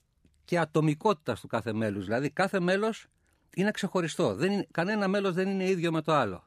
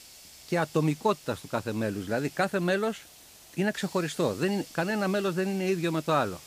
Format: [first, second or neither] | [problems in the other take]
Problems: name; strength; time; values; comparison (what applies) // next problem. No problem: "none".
first | hiss; noticeable; throughout; 20 dB below the speech